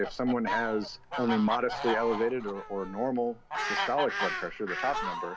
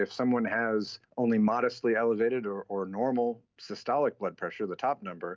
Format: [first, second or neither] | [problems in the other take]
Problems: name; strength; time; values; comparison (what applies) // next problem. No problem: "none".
second | background sound (Fowl); 4 dB below the speech